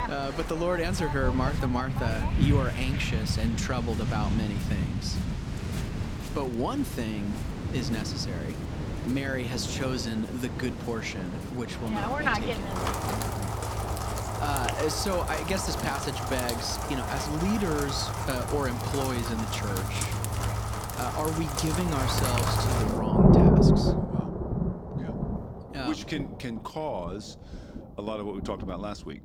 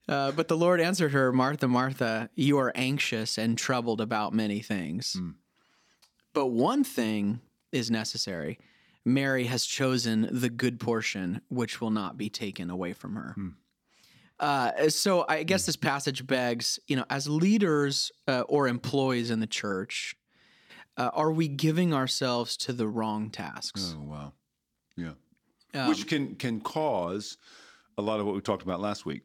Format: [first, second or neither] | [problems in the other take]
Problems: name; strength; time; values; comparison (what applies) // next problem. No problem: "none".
second | rain or running water; very loud; throughout; 3 dB above the speech